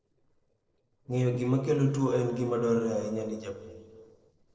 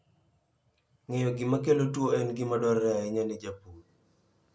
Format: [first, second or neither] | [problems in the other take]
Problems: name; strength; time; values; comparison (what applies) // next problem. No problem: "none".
second | noise reduction (neural separator model SepFormer DNS4)